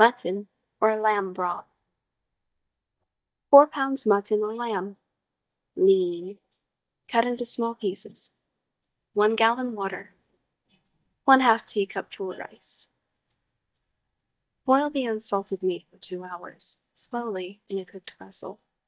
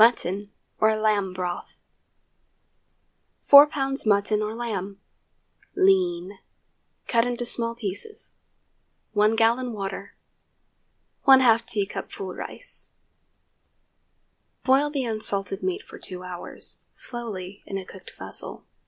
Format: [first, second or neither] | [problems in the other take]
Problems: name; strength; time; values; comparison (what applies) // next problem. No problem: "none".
second | noise reduction (neural mask model DeepFilterNet 3)